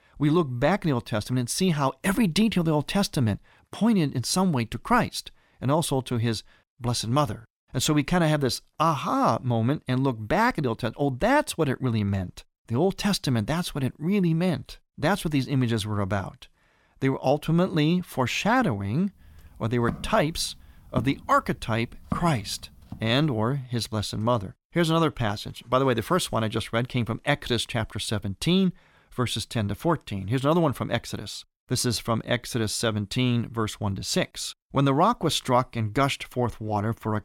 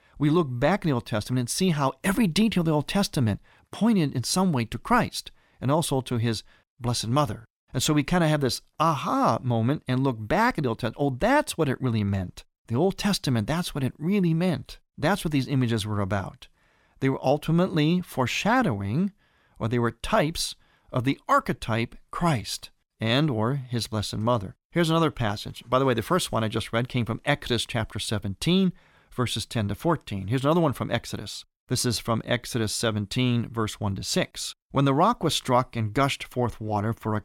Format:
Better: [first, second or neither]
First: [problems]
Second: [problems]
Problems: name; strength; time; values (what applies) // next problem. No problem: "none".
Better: second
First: footsteps; noticeable; from 20 to 23 s; peak 9 dB below the speech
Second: none